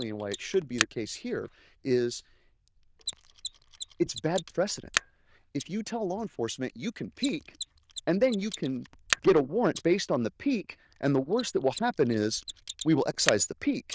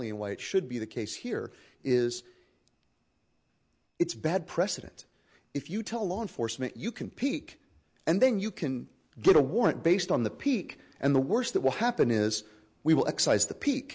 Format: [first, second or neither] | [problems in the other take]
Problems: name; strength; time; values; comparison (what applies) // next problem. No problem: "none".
second | noise reduction (neural diffusion model UNIVERSE++)